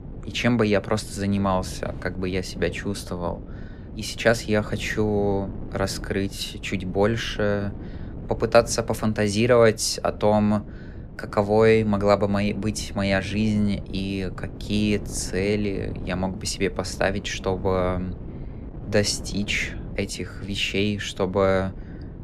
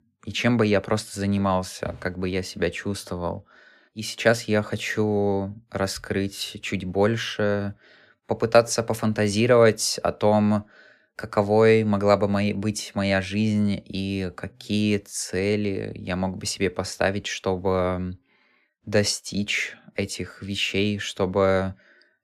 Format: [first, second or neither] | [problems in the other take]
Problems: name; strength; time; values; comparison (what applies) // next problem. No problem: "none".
second | wind noise on the microphone; occasional gusts; 20 dB below the speech